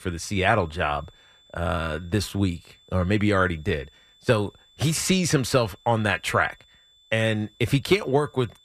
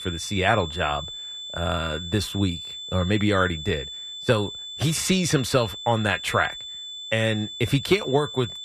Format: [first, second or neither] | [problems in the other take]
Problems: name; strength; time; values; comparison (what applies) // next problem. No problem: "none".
first | high-pitched whine; loud; throughout; 3.5 kHz, 9 dB below the speech; faint in the first